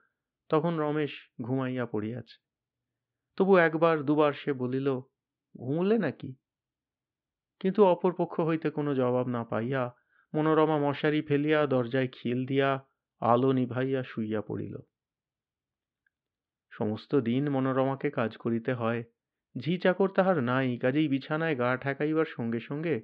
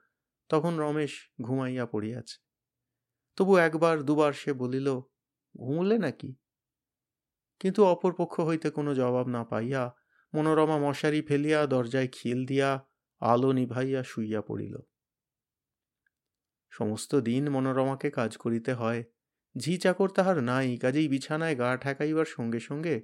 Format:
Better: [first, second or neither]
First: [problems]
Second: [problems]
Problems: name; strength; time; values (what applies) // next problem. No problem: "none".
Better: second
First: muffled; slightly; fading above 3.5 kHz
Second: none